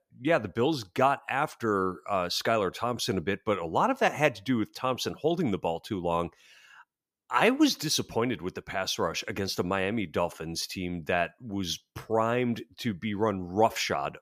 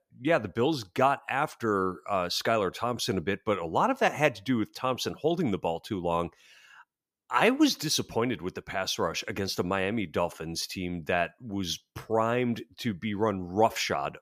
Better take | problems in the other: neither | none

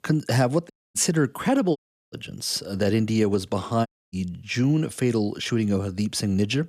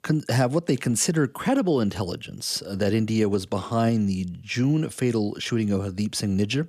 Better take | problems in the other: second | audio cutting out; at 0.5 s, at 2 s and at 4 s

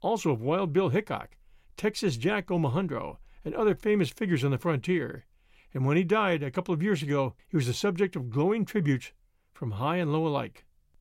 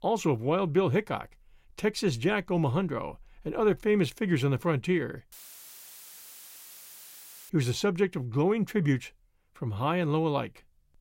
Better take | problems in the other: first | audio cutting out; filled with static; at 5.5 s for 2 s

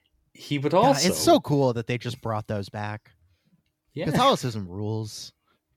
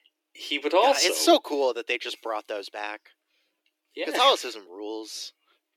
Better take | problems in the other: first | thin; somewhat; fading below 300 Hz

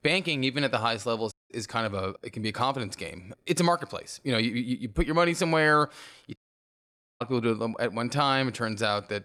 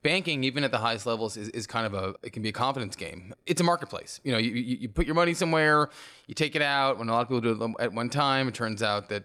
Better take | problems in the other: second | audio cutting out; at 1.5 s and at 6.5 s for 1 s

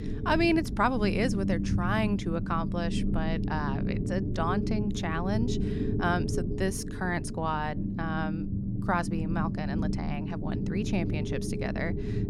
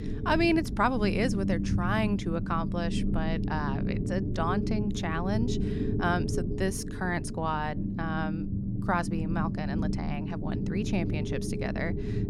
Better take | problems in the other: neither | low rumble; loud; throughout; 7 dB below the speech; the same in both

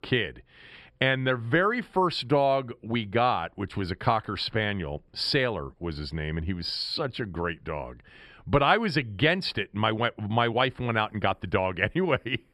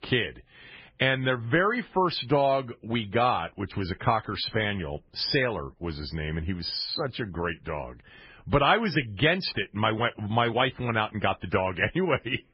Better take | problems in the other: first | garbled, watery; badly; nothing above 5 kHz

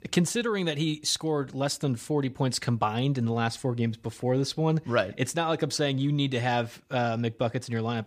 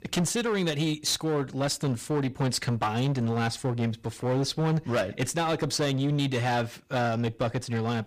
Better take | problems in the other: first | distortion; slight; 14% of the sound clipped

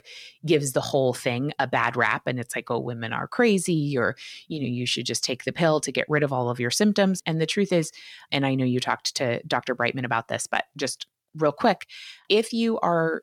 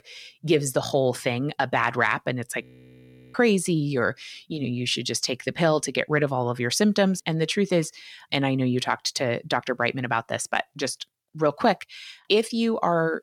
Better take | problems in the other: first | audio freezing; at 2.5 s for 0.5 s

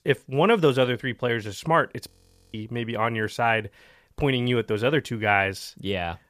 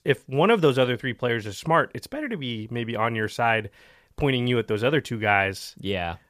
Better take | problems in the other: second | audio freezing; at 2 s

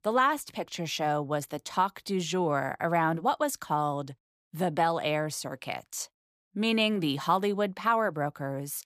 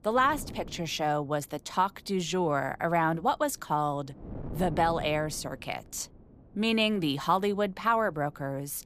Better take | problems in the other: first | wind noise on the microphone; occasional gusts; 25 dB below the speech

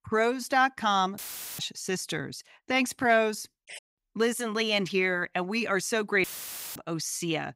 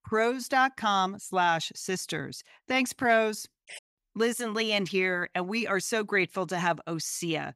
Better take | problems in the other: second | audio cutting out; filled with static; at 1 s and at 6 s for 0.5 s

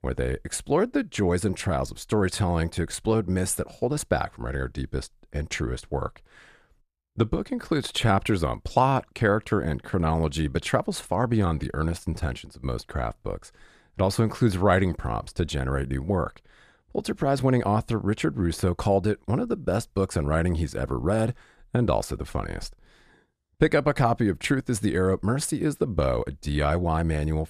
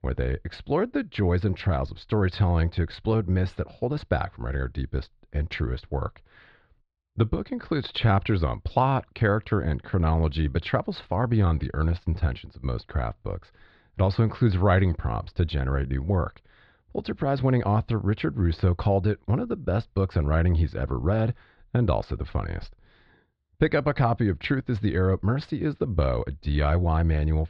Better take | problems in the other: first | muffled; very slightly; fading above 4 kHz

